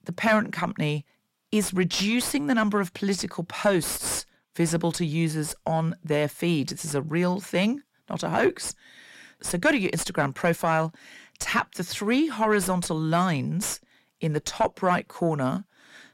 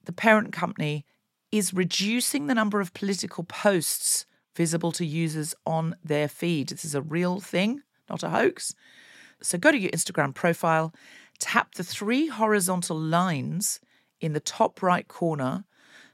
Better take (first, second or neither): second